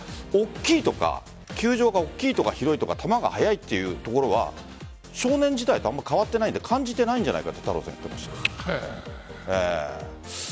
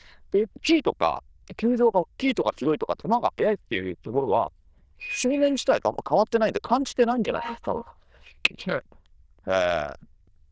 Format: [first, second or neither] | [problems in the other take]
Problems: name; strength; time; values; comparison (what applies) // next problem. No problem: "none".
first | noise reduction (neural diffusion model UNIVERSE++)